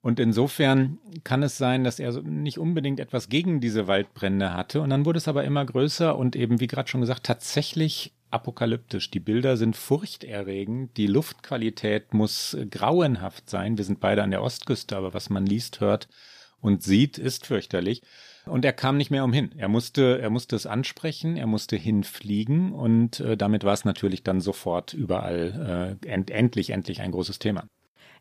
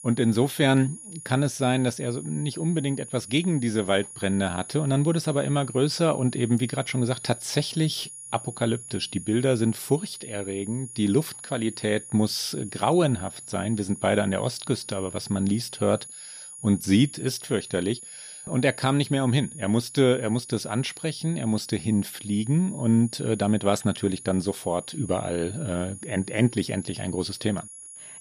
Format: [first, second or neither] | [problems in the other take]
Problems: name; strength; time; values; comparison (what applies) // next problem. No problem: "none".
first | high-pitched whine; noticeable; throughout; 10.5 kHz, 15 dB below the speech